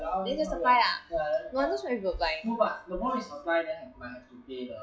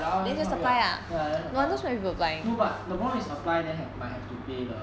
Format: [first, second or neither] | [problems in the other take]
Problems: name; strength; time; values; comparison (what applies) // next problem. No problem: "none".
second | noise reduction (classical method WPE with log-MMSE)